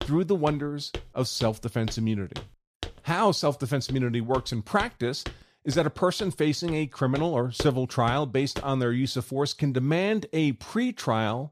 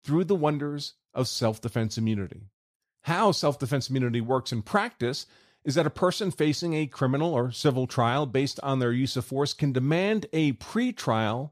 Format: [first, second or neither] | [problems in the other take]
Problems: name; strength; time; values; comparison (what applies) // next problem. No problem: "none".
second | footsteps; noticeable; until 8.5 s; peak 10 dB below the speech